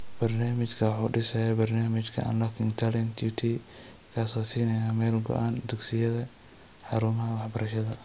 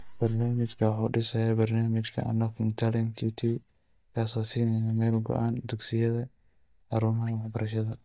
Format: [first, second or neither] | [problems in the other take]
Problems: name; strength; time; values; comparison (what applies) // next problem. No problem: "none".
first | noise reduction (neural mask model DeepFilterNet 3)